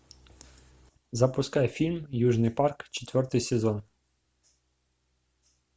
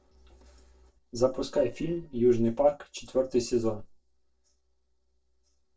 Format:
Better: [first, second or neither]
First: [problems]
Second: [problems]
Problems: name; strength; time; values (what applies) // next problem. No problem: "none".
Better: first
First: none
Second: noise reduction (neural separator model SepFormer DNS4)